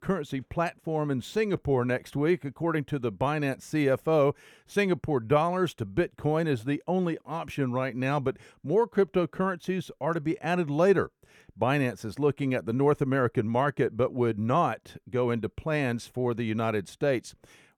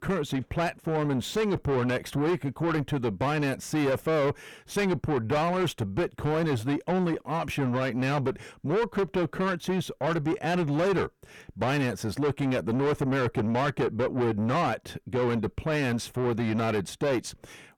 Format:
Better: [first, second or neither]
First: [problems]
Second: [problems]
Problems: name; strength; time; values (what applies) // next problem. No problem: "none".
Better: first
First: none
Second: distortion; heavy; 6 dB below the speech